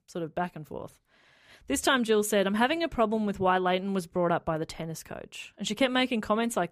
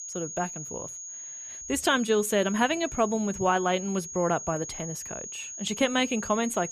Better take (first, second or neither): first